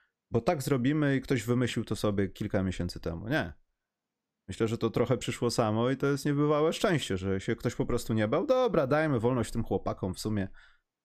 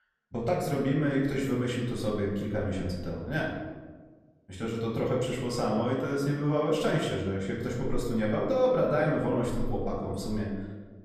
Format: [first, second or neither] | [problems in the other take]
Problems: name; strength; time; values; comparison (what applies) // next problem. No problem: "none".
first | room echo; noticeable; dies away in 1.2 s // off-mic speech; far